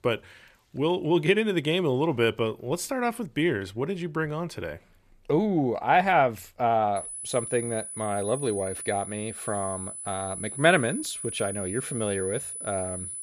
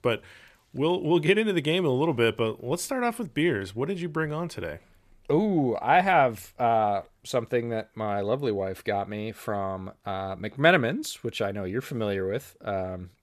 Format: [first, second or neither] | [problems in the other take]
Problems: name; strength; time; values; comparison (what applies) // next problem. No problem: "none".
second | high-pitched whine; loud; from 7 s on; 10 kHz, 7 dB below the speech